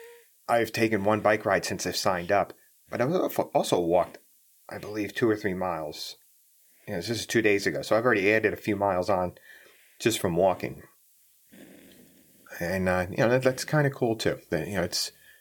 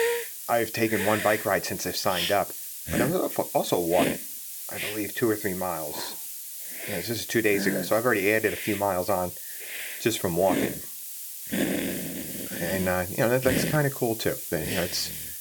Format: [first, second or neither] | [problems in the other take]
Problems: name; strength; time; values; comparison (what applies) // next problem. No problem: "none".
first | hiss; loud; throughout; 4 dB below the speech; faint in the first